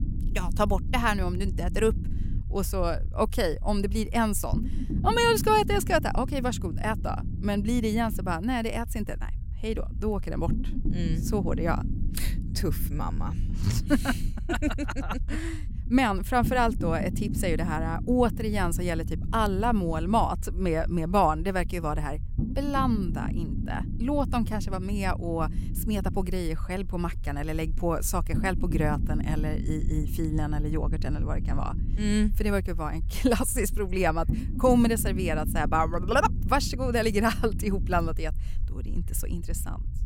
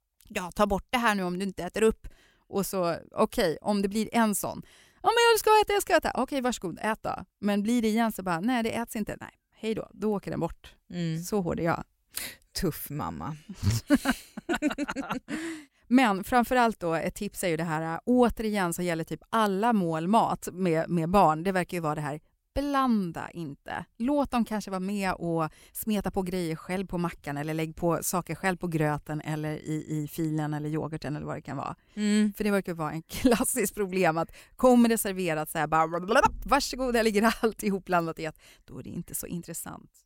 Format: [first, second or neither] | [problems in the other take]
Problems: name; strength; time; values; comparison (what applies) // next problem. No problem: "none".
second | low rumble; noticeable; throughout; 15 dB below the speech